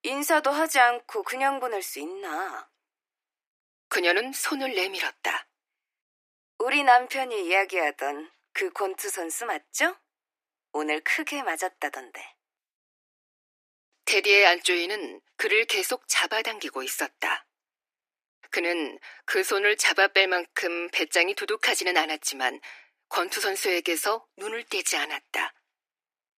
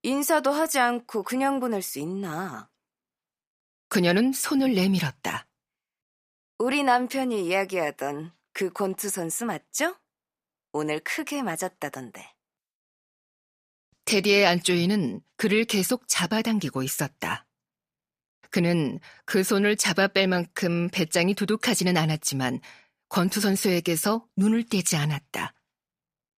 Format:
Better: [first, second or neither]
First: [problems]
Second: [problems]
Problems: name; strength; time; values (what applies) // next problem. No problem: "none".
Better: second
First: thin; very; fading below 300 Hz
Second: none